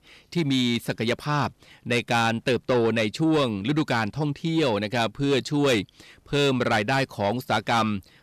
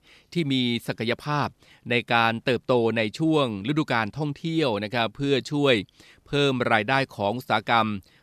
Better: second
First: distortion; slight; 10 dB below the speech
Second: none

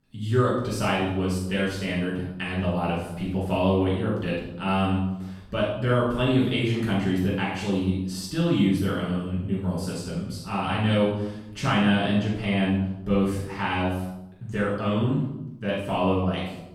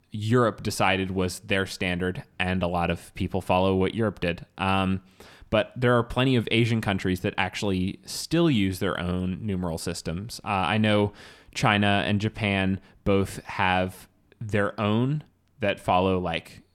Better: second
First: off-mic speech; far // room echo; strong; dies away in 0.8 s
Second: none

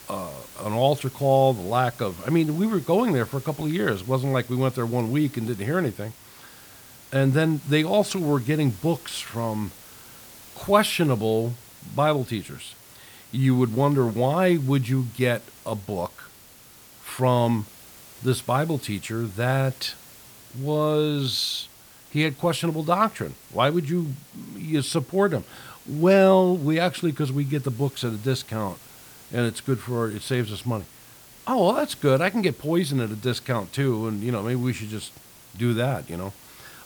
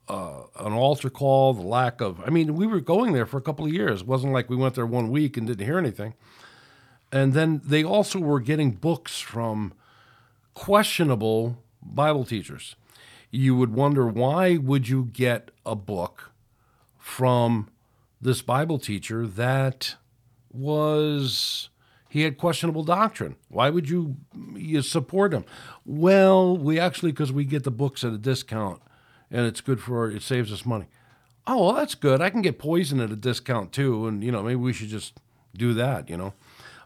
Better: second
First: hiss; faint; throughout; 20 dB below the speech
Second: none

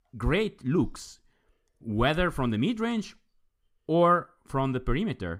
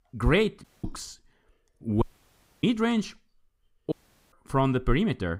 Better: first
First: none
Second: audio cutting out; at 0.5 s, at 2 s for 0.5 s and at 4 s

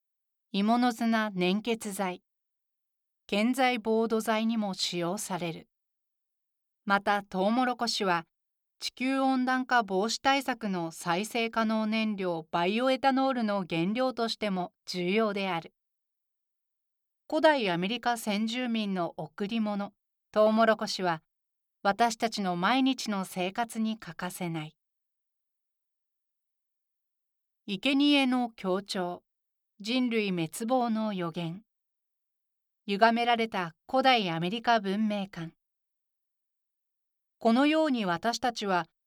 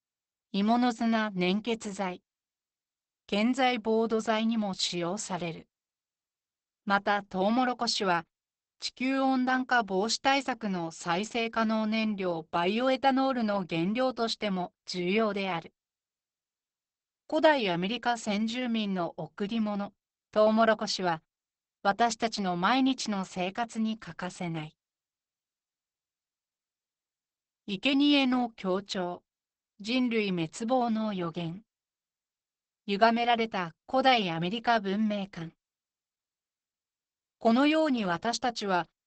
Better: first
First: none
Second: garbled, watery; badly; nothing above 8 kHz

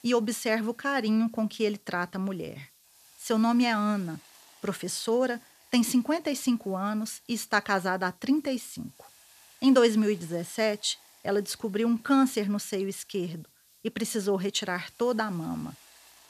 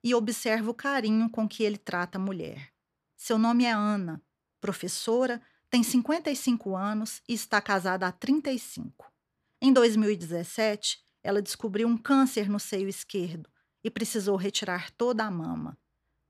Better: second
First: hiss; faint; throughout; 25 dB below the speech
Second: none

